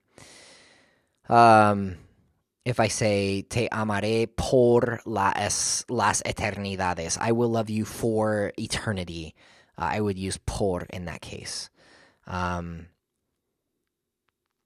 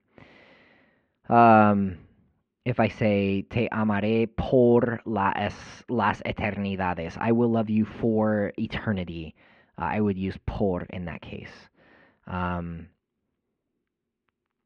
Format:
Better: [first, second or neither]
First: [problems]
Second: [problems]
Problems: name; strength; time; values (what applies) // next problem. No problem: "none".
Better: first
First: none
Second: muffled; very; fading above 3 kHz